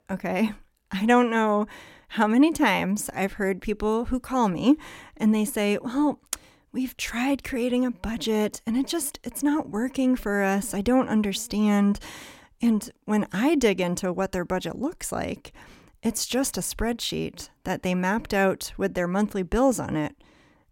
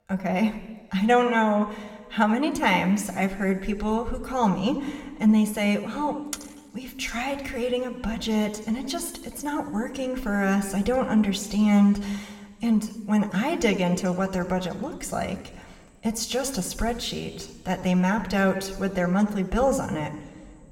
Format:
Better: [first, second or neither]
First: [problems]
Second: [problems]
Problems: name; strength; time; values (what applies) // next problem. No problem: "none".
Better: first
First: none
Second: room echo; slight; dies away in 1.8 s